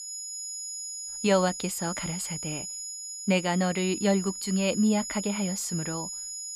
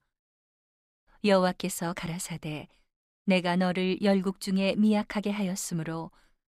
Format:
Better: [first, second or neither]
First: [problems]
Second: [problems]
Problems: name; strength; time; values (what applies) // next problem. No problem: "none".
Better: second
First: high-pitched whine; loud; throughout; 7 kHz, 6 dB below the speech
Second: none